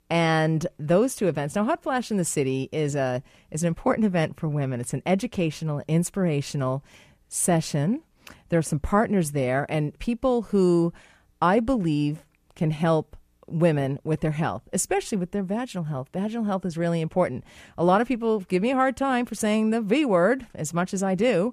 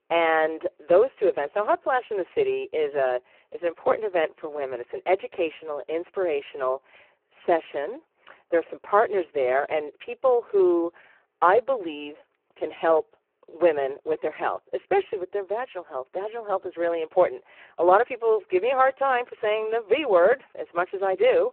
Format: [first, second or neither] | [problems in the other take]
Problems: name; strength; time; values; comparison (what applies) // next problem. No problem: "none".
first | phone-call audio; poor line